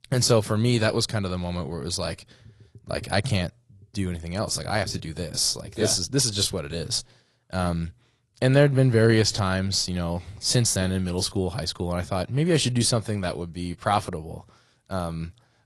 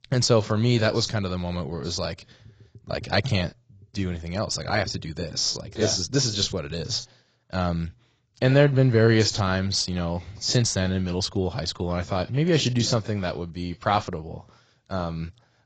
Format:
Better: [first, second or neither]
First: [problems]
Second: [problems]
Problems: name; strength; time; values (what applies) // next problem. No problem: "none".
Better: first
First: garbled, watery; slightly; nothing above 11.5 kHz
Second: garbled, watery; badly; nothing above 7.5 kHz